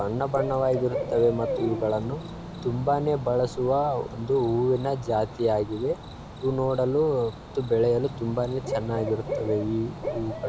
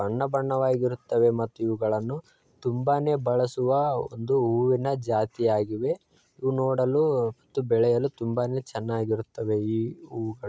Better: second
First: background sound (Cricket / Bird); 9 dB below the speech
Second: none

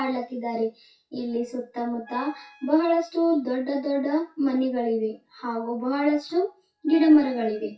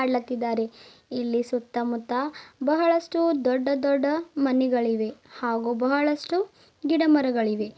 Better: second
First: noise reduction (classical method WPE with log-MMSE)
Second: none

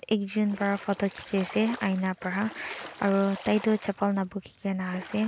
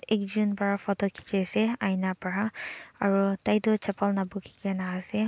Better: second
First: background sound (Splash, splatter); 17 dB below the speech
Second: none

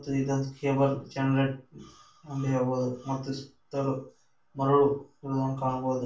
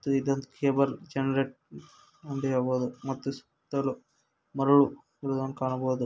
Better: second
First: room echo; dies away in 0.3 s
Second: none

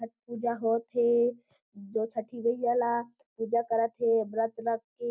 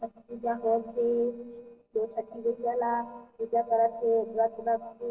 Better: first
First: none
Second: noise reduction (neural separator model SepFormer DNS4)

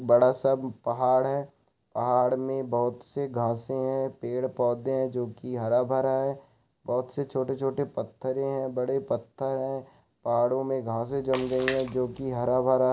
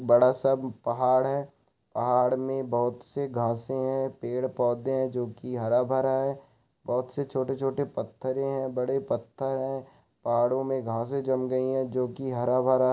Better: second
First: background sound (Splash, splatter); 13 dB below the speech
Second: none

